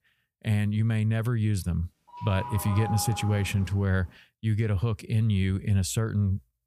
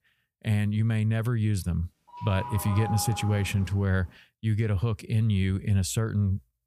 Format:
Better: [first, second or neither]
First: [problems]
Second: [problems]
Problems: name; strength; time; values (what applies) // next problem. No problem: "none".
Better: neither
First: doorbell; noticeable; from 2 to 4 s; peak 7 dB below the speech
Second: doorbell; noticeable; from 2 to 4 s; peak 7 dB below the speech